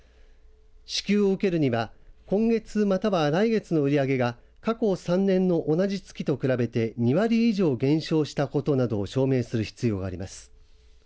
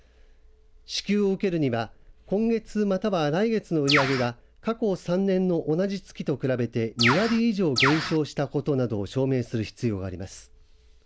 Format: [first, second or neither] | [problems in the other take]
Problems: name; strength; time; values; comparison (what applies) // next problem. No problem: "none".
first | background sound (Bird); 1 dB above the speech